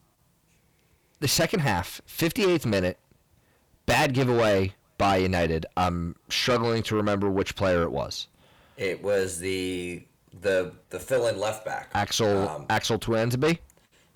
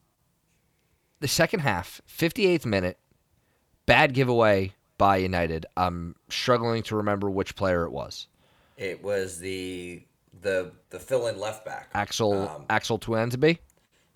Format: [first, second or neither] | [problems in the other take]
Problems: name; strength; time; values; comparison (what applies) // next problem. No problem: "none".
second | distortion; heavy; 7 dB below the speech